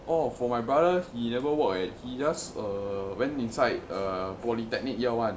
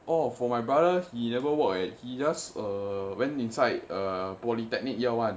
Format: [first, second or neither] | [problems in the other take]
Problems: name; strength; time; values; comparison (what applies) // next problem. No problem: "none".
second | background sound (Vehicle); 17 dB below the speech